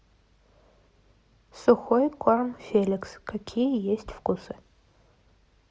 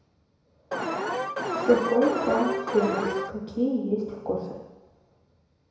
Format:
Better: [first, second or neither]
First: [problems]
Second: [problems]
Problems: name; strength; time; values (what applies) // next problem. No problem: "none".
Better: first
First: none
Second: background sound (Alarm); 1 dB below the speech // room echo; dies away in 0.9 s